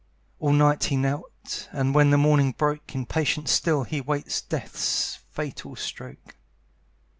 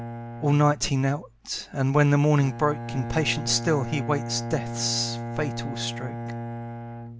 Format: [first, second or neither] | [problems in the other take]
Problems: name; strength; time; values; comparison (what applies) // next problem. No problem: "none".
first | background sound (Bowed string instrument); 8 dB below the speech